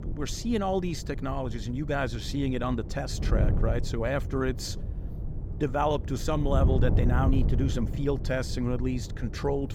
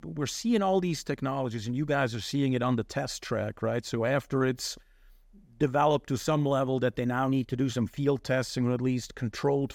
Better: second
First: wind noise on the microphone; occasional gusts; 10 dB below the speech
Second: none

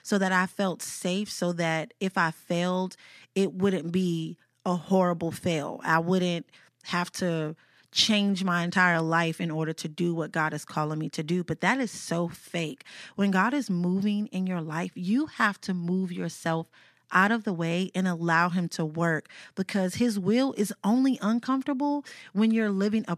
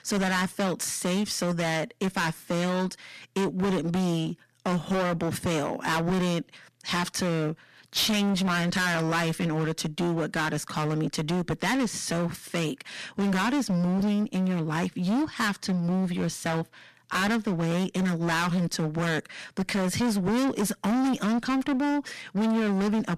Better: first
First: none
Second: distortion; heavy; 28% of the sound clipped

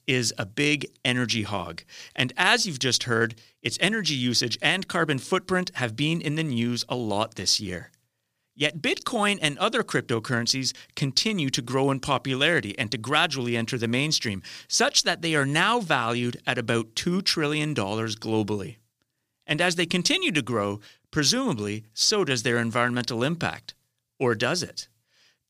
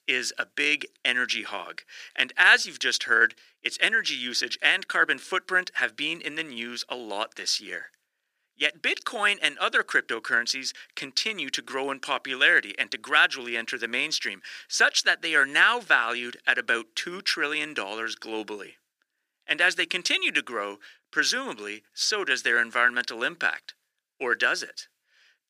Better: first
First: none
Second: thin; very; fading below 300 Hz

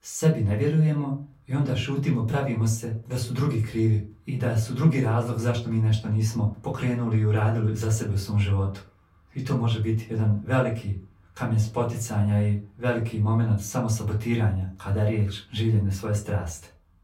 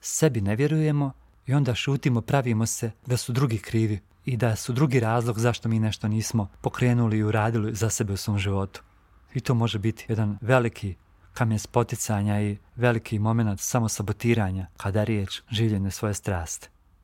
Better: second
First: off-mic speech; far // room echo; very slight; dies away in 0.3 s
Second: none

